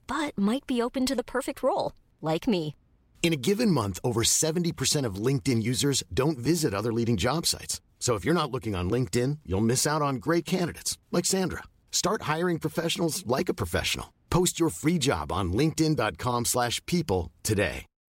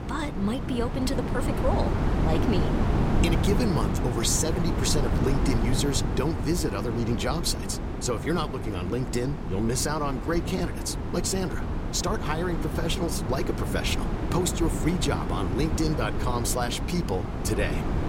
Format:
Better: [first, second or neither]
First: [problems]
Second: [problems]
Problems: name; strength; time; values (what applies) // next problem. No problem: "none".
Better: first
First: none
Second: wind noise on the microphone; heavy; 4 dB below the speech